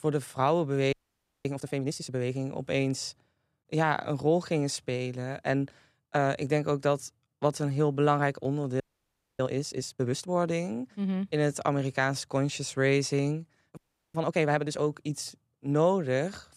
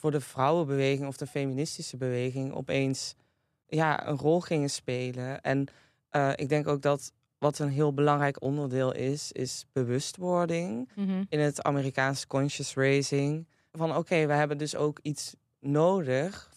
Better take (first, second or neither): second